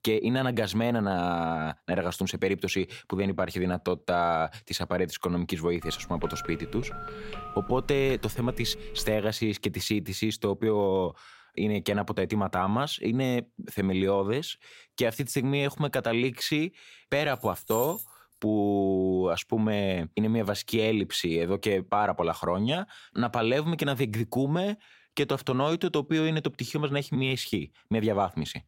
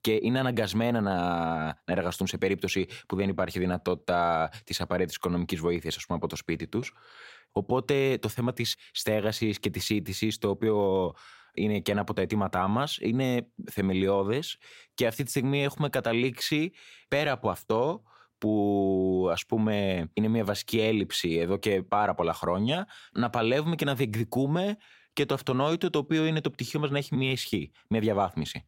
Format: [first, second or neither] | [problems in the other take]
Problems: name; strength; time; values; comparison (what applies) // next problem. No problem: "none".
second | phone ringing; faint; from 6 to 9 s; peak 10 dB below the speech // jangling keys; noticeable; at 17 s; peak 7 dB below the speech